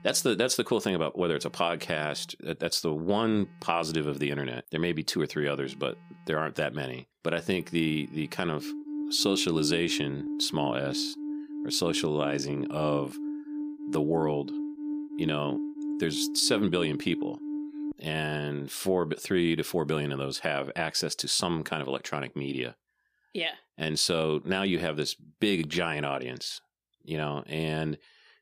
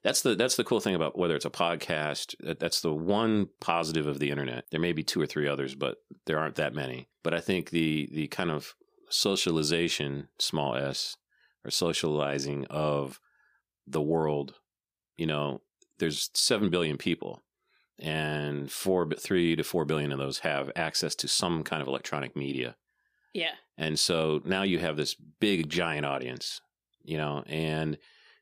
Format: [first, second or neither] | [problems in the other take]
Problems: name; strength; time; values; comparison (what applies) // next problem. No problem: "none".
second | alarms or sirens; loud; throughout; 6 dB below the speech